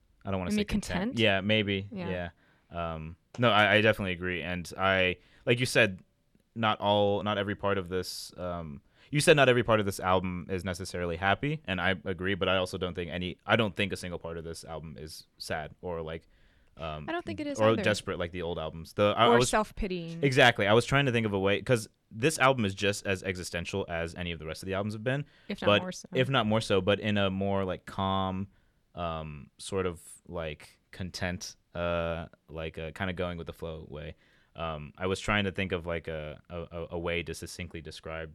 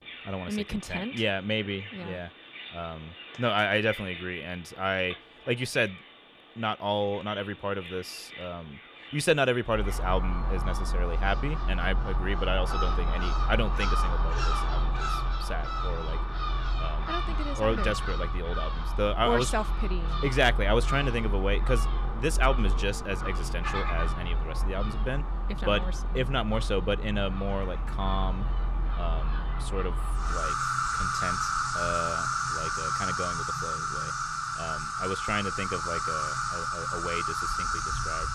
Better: first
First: none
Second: animal sounds; very loud; throughout; as loud as the speech

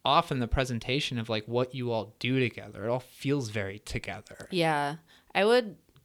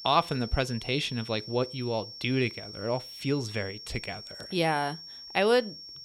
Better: first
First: none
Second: high-pitched whine; noticeable; throughout; 5.5 kHz, 10 dB below the speech

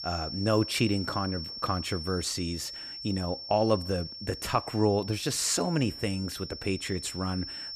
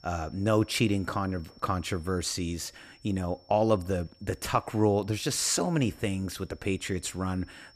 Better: second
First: high-pitched whine; loud; throughout; 5.5 kHz, 8 dB below the speech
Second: high-pitched whine; faint; throughout; 5.5 kHz, 30 dB below the speech

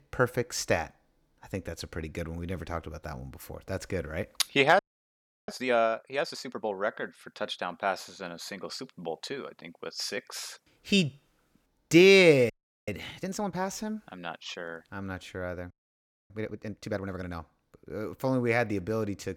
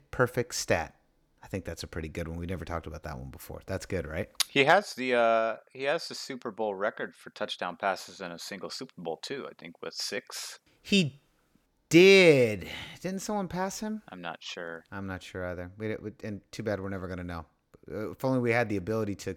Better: second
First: audio freezing; at 5 s for 0.5 s, at 13 s and at 16 s for 0.5 s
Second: none

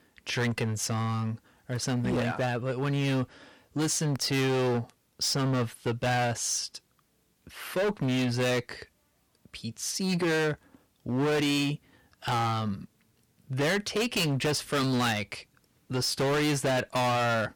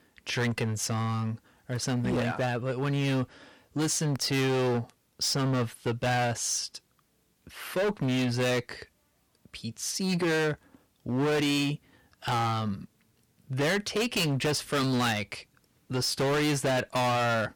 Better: neither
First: distortion; heavy; 19% of the sound clipped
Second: distortion; heavy; 19% of the sound clipped

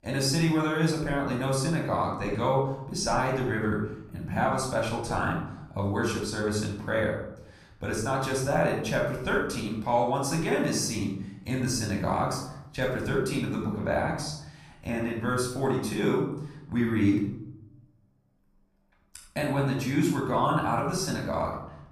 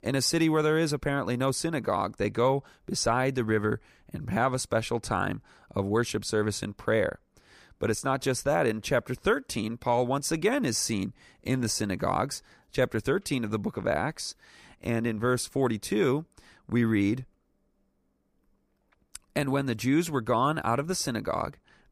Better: second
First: off-mic speech; somewhat distant // room echo; noticeable; dies away in 0.7 s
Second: none

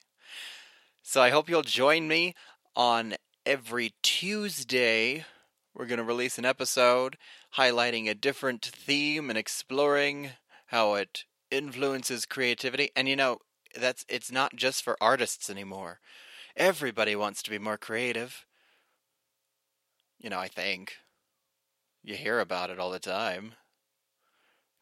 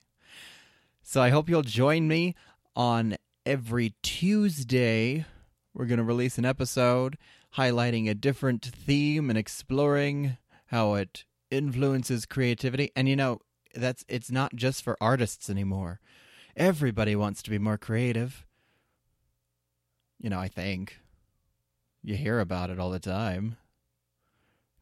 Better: second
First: thin; somewhat; fading below 450 Hz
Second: none

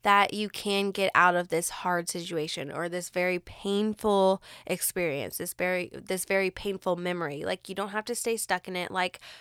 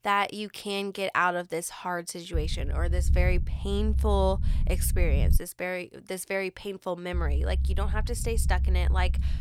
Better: first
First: none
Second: low rumble; noticeable; from 2.5 to 5.5 s and from 7 s on; 15 dB below the speech

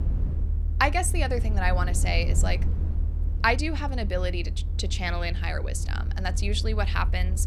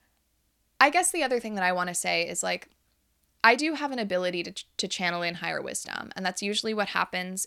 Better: second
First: low rumble; noticeable; throughout; 15 dB below the speech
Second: none

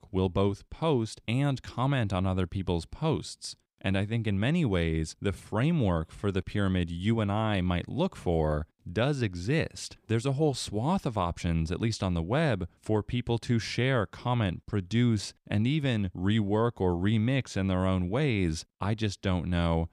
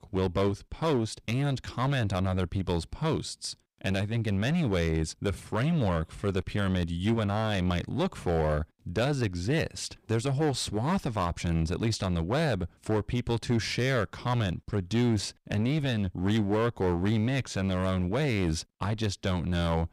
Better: first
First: none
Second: distortion; heavy; 13% of the sound clipped

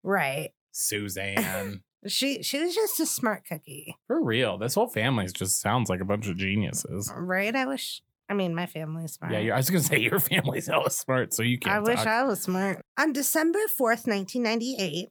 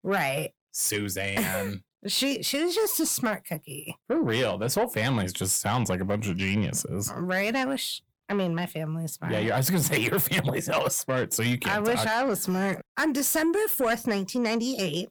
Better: first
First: none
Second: distortion; slight; 10 dB below the speech

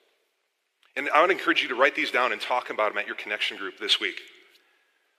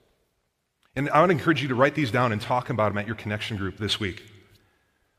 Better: second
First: thin; very; fading below 350 Hz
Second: none

